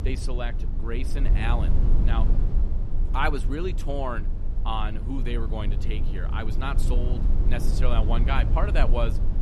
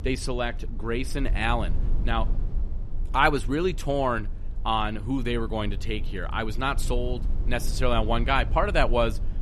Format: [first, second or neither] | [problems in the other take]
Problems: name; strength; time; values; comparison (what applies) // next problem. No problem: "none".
second | low rumble; loud; throughout; 10 dB below the speech; faint in the second